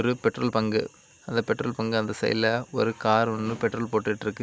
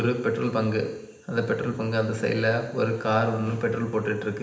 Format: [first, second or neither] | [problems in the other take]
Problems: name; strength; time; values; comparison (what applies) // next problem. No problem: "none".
first | room echo; dies away in 0.8 s